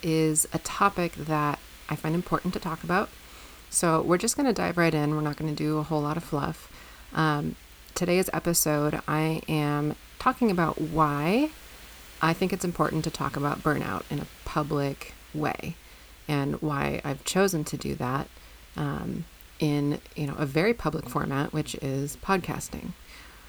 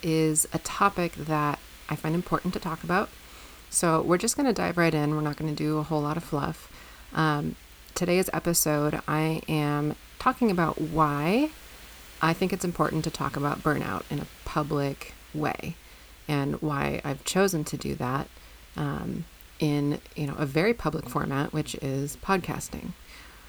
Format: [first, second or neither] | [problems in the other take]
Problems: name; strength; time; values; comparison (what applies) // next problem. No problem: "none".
neither | hiss; faint; throughout; 20 dB below the speech; the same in both